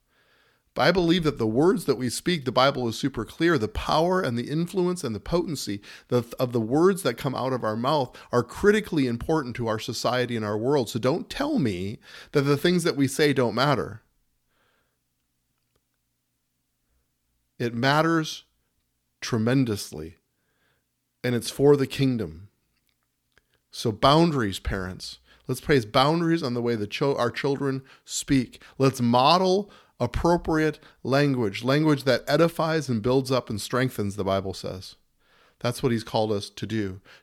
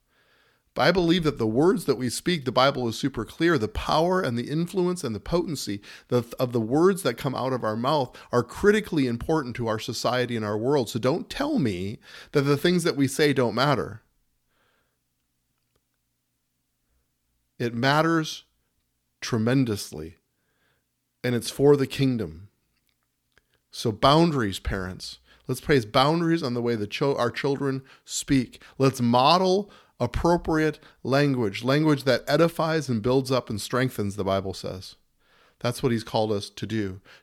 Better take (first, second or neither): neither